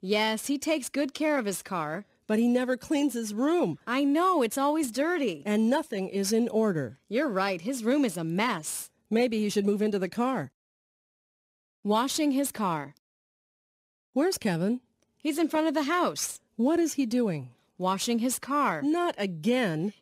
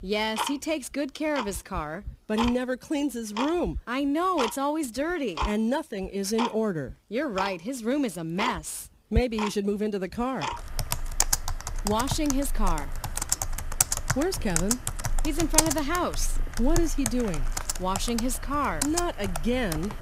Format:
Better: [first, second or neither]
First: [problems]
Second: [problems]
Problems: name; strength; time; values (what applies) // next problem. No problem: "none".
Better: first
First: none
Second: household noises; loud; throughout; 2 dB below the speech